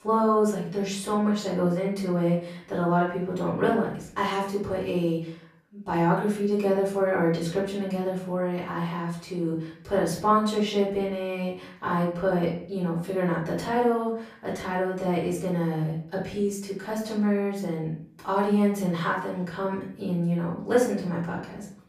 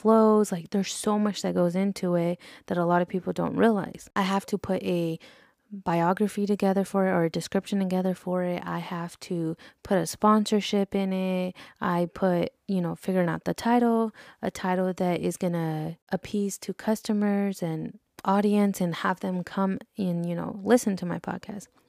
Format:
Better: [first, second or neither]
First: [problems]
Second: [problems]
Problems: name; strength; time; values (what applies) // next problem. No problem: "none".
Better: second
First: off-mic speech; far // room echo; noticeable; dies away in 0.5 s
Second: none